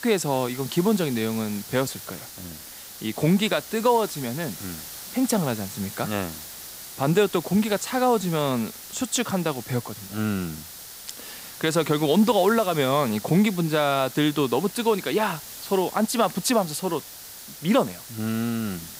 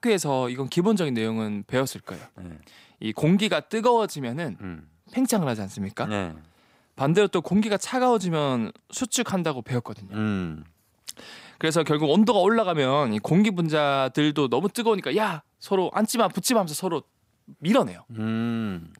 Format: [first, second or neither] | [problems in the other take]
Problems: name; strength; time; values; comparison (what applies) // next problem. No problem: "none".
second | hiss; noticeable; throughout; 15 dB below the speech